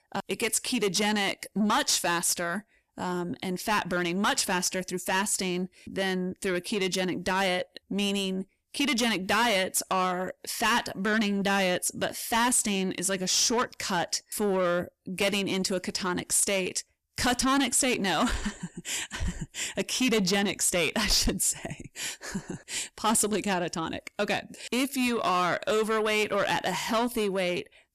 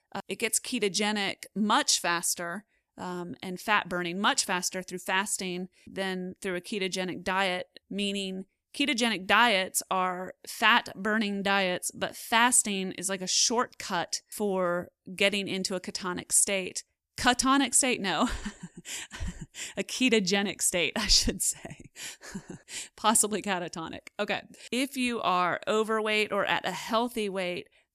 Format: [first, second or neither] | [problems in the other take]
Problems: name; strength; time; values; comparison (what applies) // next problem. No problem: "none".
second | distortion; heavy; 7 dB below the speech